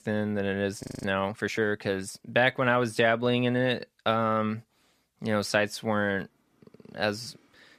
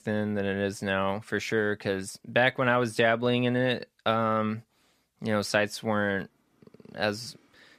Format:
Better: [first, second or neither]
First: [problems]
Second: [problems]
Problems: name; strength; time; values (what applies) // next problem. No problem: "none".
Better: second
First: audio freezing; at 1 s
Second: none